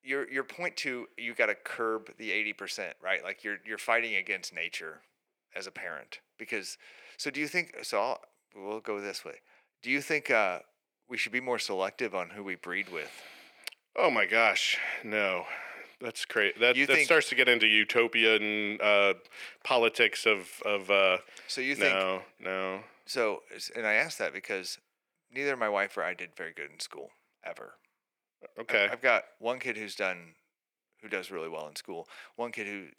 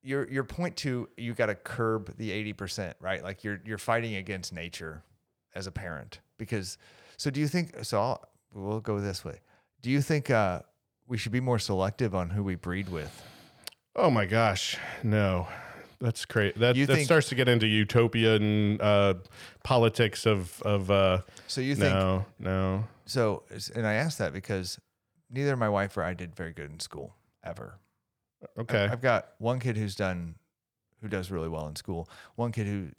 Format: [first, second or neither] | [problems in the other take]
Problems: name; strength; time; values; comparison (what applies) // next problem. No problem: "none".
second | thin; somewhat; fading below 300 Hz